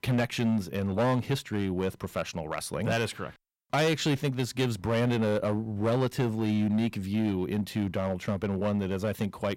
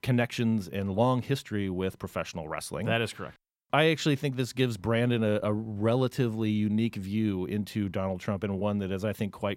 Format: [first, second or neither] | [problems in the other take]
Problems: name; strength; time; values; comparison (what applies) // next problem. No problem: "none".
second | distortion; slight; 9% of the sound clipped